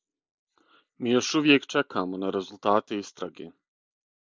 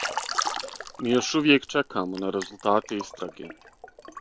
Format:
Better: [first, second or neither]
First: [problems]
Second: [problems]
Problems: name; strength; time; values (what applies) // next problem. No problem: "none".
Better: first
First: none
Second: background sound (Liquid); 9 dB below the speech